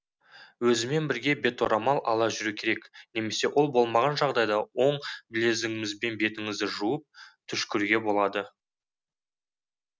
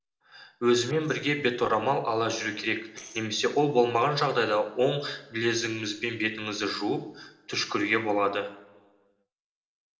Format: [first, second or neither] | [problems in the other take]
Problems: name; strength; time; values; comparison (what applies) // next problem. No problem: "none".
first | noise reduction (neural separator model SepFormer DNS4)